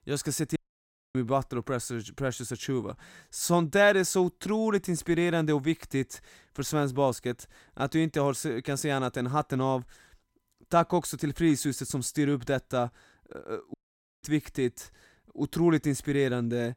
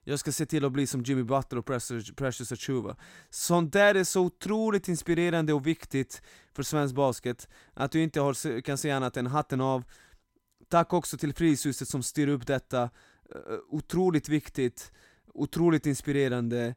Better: second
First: audio cutting out; at 0.5 s for 0.5 s and at 14 s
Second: none

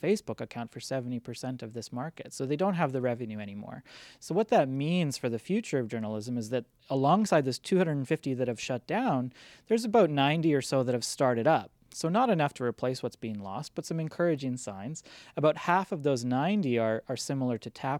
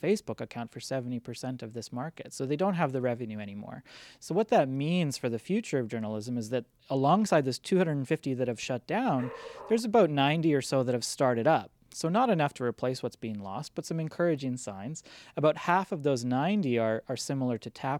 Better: first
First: none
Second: dog barking; faint; at 9 s; peak 15 dB below the speech

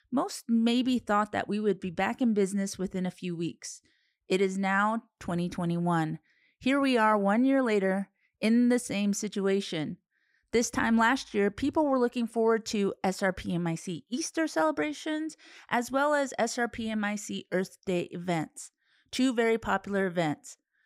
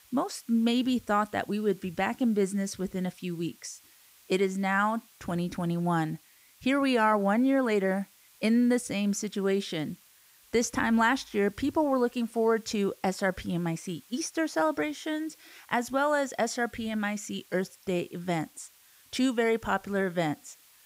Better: first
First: none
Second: hiss; faint; throughout; 25 dB below the speech

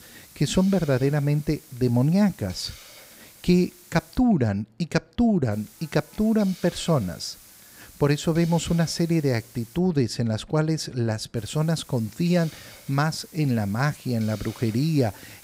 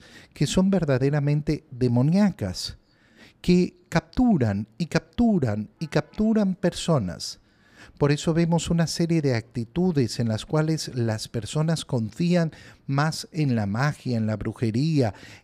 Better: second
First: hiss; faint; until 4 s, from 5.5 to 10 s and from 11 s on; 20 dB below the speech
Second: none

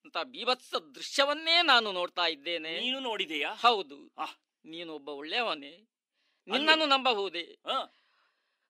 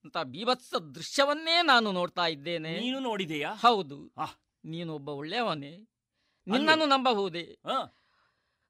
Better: second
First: thin; very slightly; fading below 300 Hz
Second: none

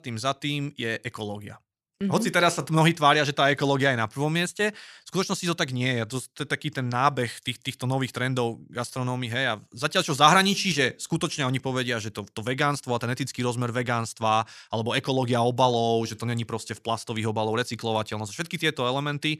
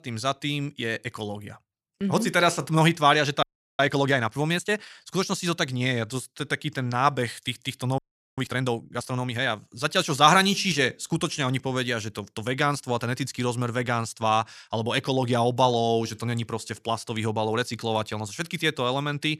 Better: first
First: none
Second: audio freezing; at 3.5 s and at 8 s

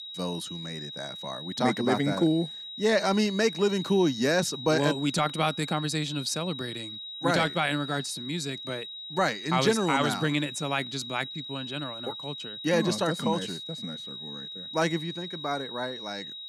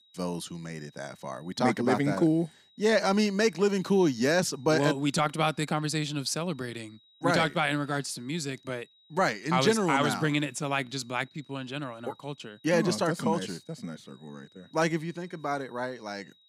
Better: second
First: high-pitched whine; loud; throughout; 4 kHz, 9 dB below the speech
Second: high-pitched whine; faint; throughout; 4 kHz, 30 dB below the speech

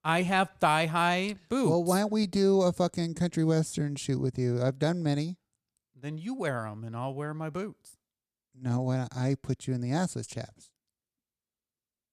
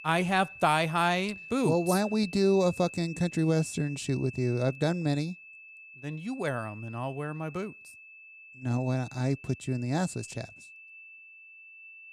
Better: first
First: none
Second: high-pitched whine; noticeable; throughout; 2.5 kHz, 15 dB below the speech

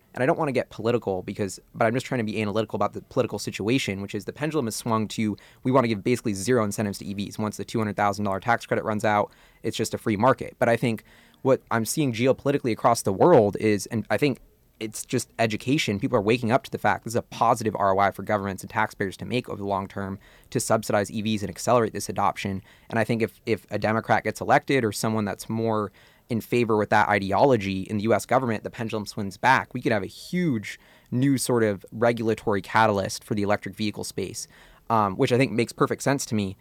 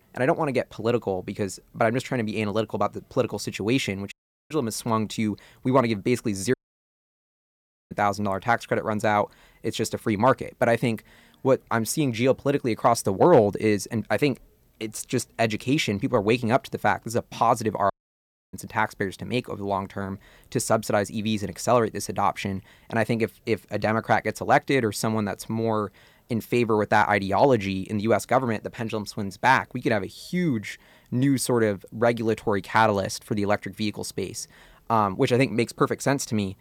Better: first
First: none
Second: audio cutting out; at 4 s, at 6.5 s for 1.5 s and at 18 s for 0.5 s

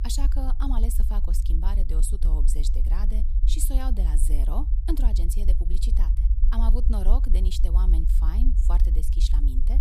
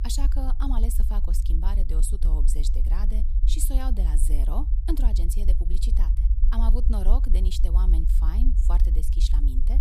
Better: neither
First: low rumble; loud; throughout; 8 dB below the speech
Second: low rumble; loud; throughout; 8 dB below the speech

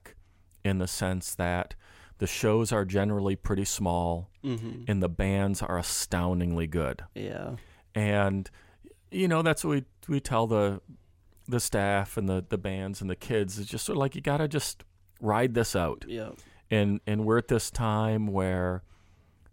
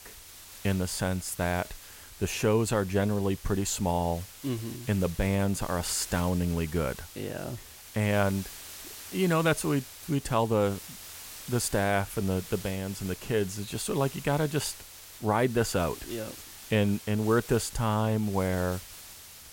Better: first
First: none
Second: hiss; noticeable; throughout; 15 dB below the speech

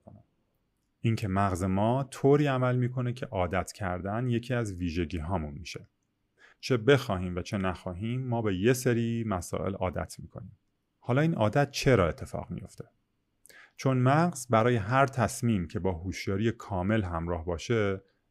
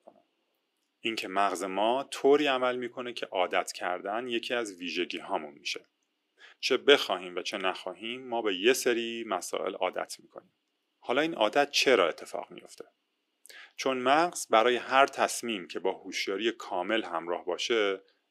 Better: first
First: none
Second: thin; somewhat; fading below 350 Hz

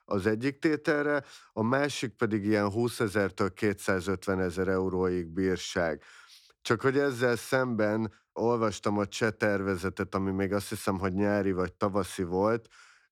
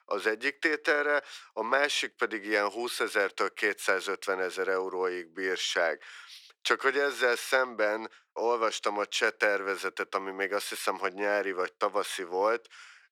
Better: first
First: none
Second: thin; very; fading below 450 Hz

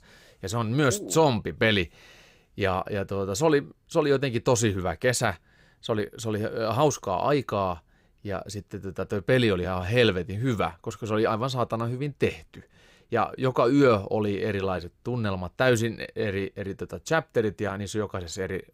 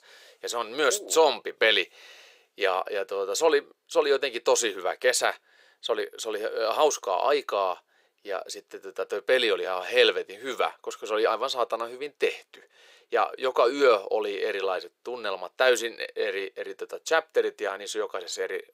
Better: first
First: none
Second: thin; very; fading below 450 Hz

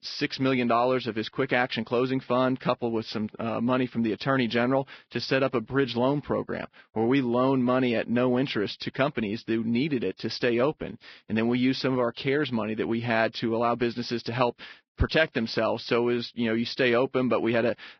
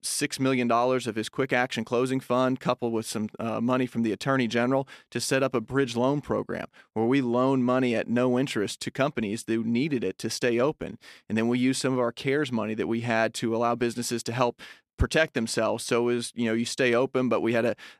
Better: second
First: garbled, watery; badly; nothing above 5.5 kHz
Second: none

